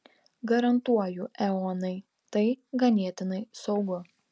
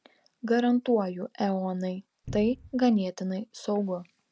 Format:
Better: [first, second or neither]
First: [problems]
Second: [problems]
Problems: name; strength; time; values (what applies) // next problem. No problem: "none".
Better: first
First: none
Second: background sound (Cupboard open or close); 14 dB below the speech